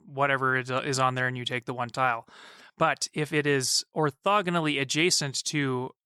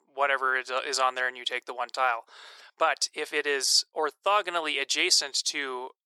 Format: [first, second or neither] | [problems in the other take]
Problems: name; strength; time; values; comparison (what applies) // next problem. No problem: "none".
first | thin; very; fading below 400 Hz